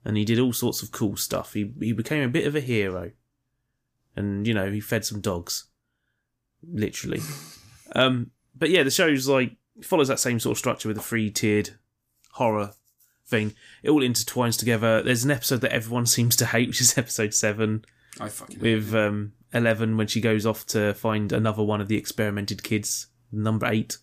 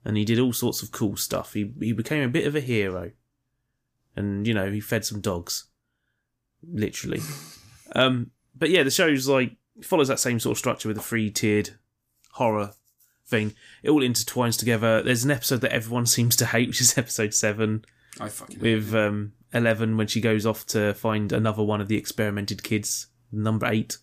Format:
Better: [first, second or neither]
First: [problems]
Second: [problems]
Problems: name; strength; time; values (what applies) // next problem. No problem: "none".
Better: neither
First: none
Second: none